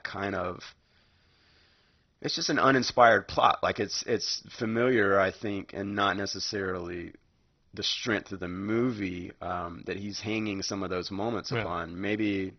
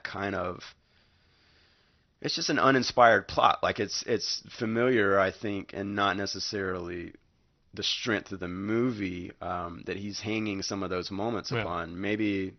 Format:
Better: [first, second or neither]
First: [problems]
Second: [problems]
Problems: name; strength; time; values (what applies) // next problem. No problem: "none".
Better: second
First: garbled, watery; badly; nothing above 6 kHz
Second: garbled, watery; slightly; nothing above 6 kHz